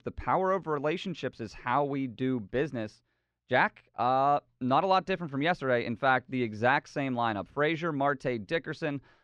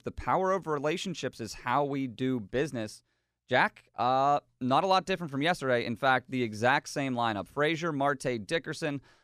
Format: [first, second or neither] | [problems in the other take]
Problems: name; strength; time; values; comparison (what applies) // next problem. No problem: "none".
second | muffled; very slightly; fading above 3.5 kHz